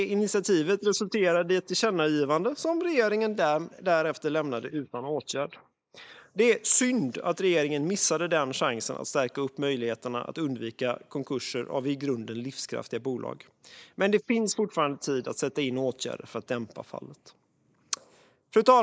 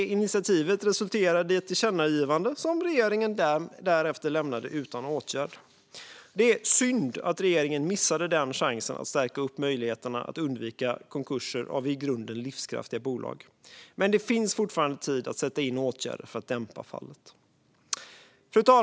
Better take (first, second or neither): second